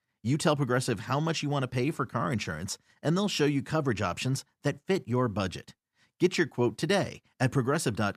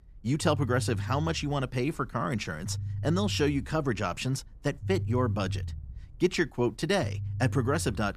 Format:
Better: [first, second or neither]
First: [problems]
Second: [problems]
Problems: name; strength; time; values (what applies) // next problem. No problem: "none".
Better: first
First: none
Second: low rumble; noticeable; throughout; 20 dB below the speech